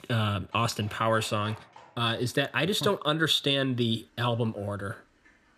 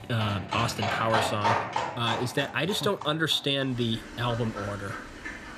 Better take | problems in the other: first | animal sounds; loud; throughout; 4 dB below the speech; faint in the first

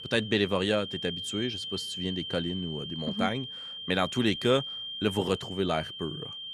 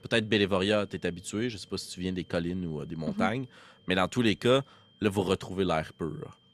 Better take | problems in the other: second | high-pitched whine; loud; throughout; 3 kHz, 6 dB below the speech; faint in the second

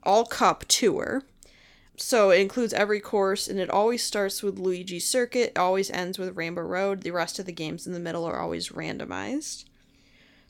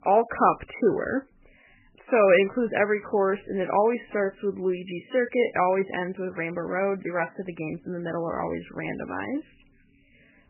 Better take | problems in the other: first | garbled, watery; badly; nothing above 3 kHz

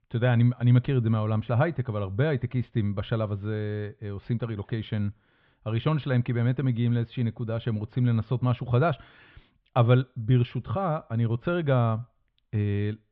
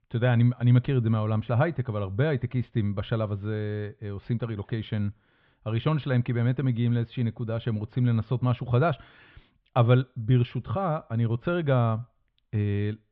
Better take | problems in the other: neither | muffled; slightly; fading above 3.5 kHz; the same in both

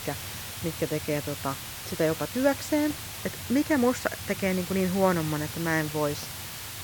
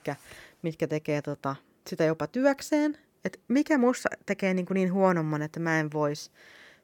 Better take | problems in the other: second | hiss; loud; throughout; 7 dB below the speech

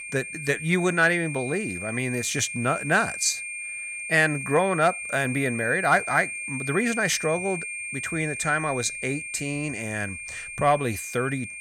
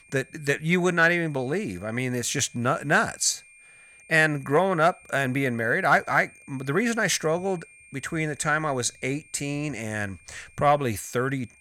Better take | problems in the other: second | high-pitched whine; loud; throughout; 2.5 kHz, 7 dB below the speech; faint in the second

